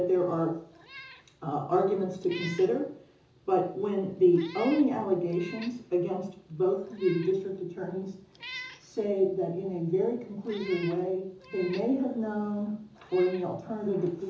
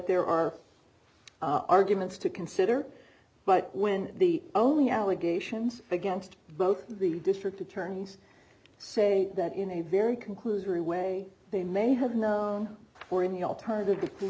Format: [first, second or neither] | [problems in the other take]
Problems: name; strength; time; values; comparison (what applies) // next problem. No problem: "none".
second | background sound (Meow); 20 dB below the speech // room echo; dies away in 0.7 s